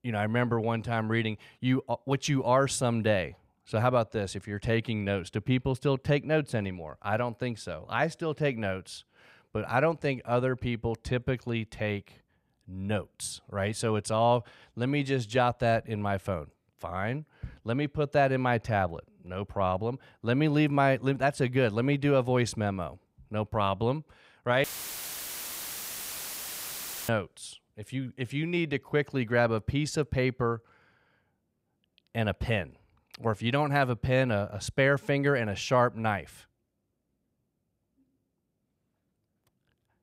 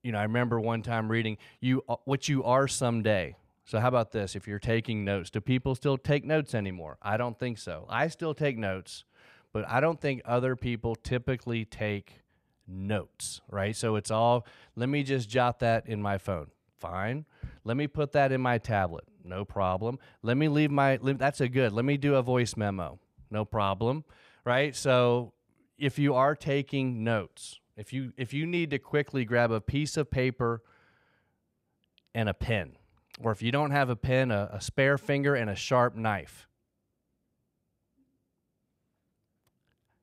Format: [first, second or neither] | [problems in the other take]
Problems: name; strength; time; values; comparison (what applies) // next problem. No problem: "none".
second | audio cutting out; filled with static; at 25 s for 2.5 s